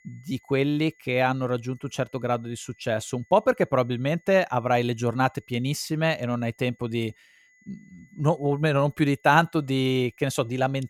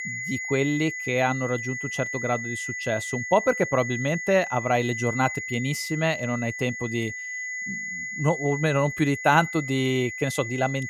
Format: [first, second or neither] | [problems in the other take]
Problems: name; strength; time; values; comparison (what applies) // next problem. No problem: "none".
first | high-pitched whine; loud; throughout; 2 kHz, 6 dB below the speech; faint in the first